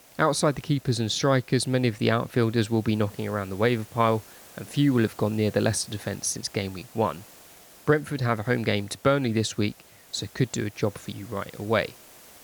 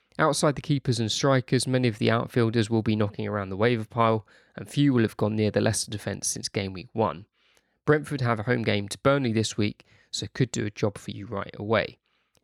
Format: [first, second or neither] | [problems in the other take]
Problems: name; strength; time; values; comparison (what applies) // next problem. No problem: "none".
second | hiss; faint; throughout; 20 dB below the speech